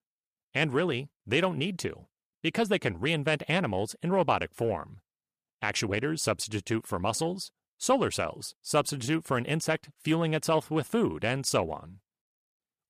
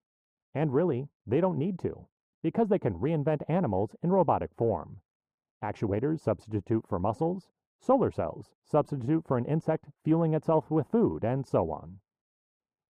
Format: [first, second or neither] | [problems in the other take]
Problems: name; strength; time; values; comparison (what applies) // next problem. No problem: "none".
first | muffled; very; fading above 1.5 kHz